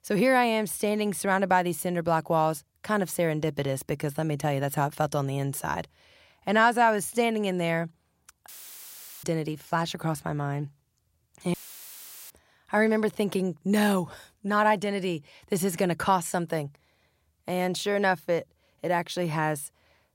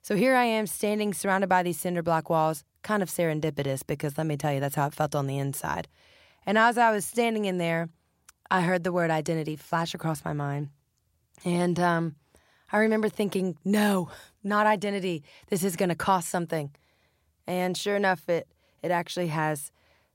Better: second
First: audio cutting out; filled with static; at 8.5 s for 1 s and at 12 s for 1 s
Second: none

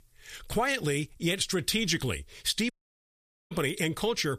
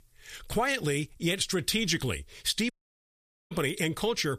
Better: neither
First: audio cutting out; at 2.5 s for 1 s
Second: audio cutting out; at 2.5 s for 1 s

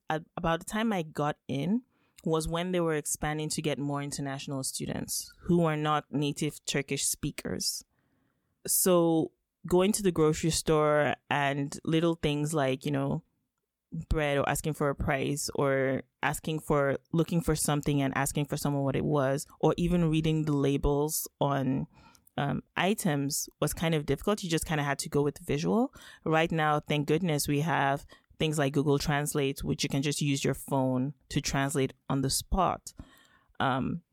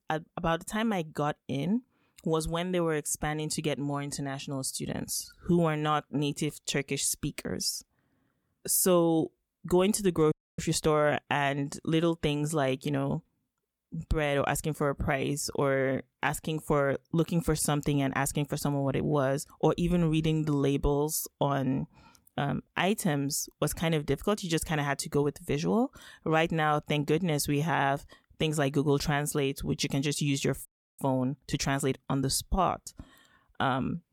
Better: first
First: none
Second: audio freezing; at 10 s and at 31 s

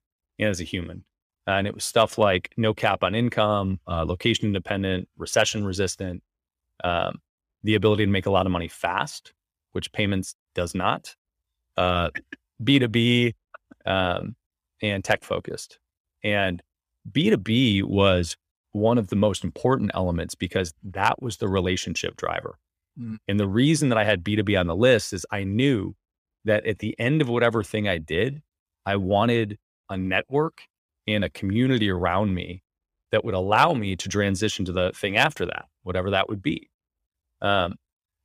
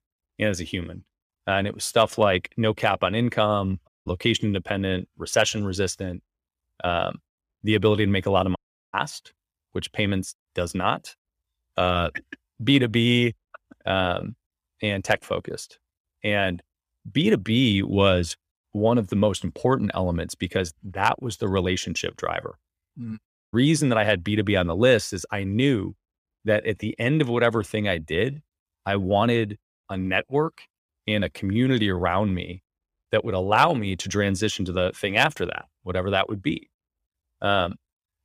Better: first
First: none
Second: audio cutting out; at 4 s, at 8.5 s and at 23 s

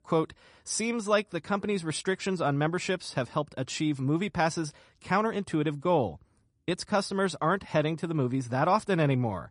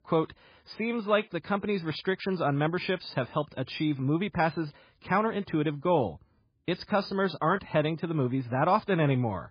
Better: first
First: garbled, watery; slightly; nothing above 10 kHz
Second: garbled, watery; badly; nothing above 5 kHz

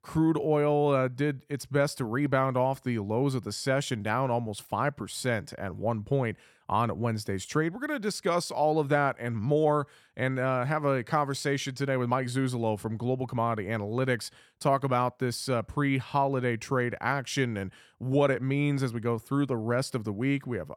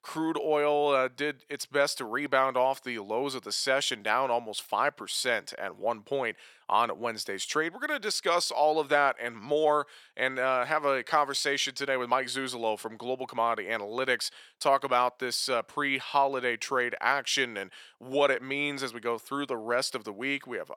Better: first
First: none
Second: thin; somewhat; fading below 500 Hz

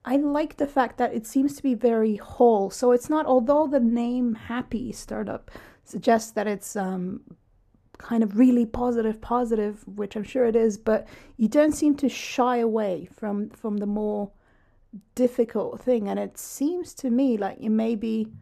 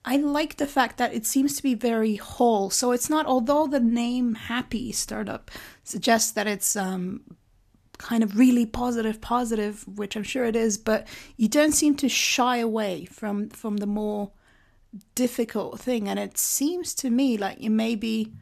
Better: second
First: muffled; slightly; fading above 2 kHz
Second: none

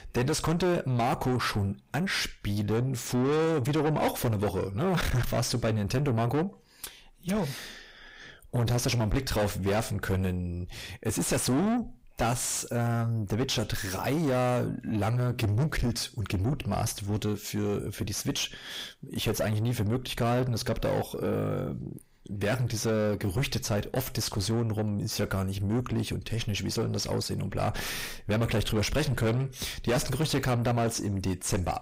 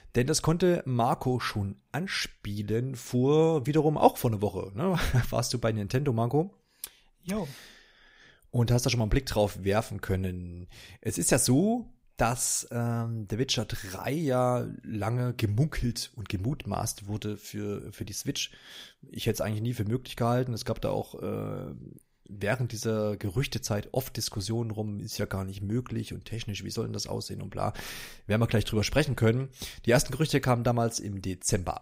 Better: second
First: distortion; heavy; 5 dB below the speech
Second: none

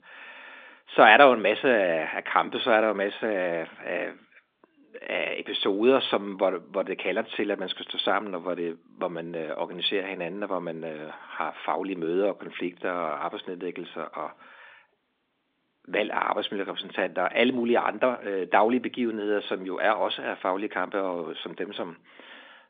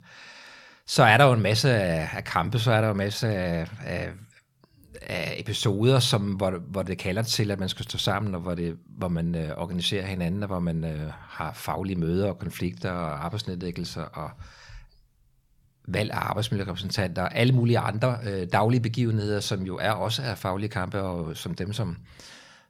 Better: second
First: phone-call audio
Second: none

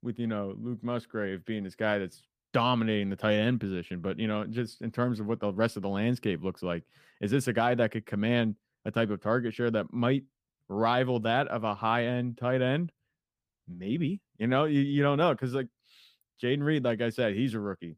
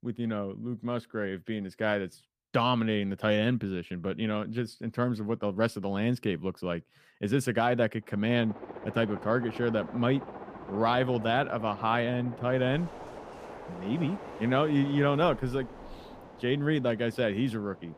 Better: first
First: none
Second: train or aircraft noise; noticeable; from 8.5 s on; 15 dB below the speech

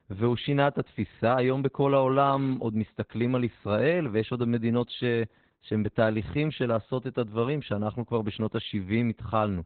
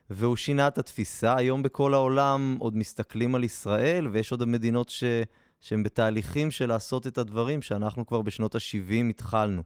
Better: second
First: garbled, watery; badly; nothing above 4 kHz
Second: garbled, watery; slightly

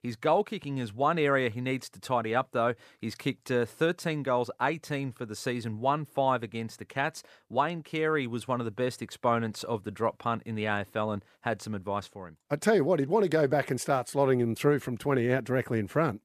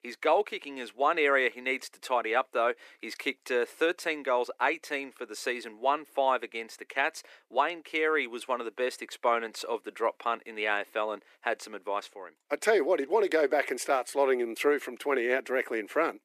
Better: first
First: none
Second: thin; somewhat; fading below 300 Hz

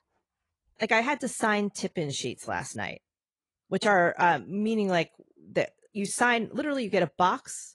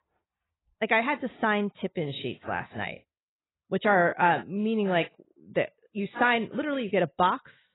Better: first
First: garbled, watery; slightly; nothing above 10.5 kHz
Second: garbled, watery; badly; nothing above 4 kHz

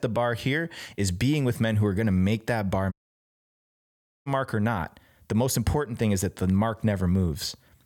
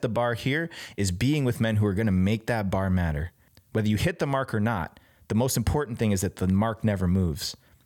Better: second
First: audio cutting out; at 3 s for 1.5 s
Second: none

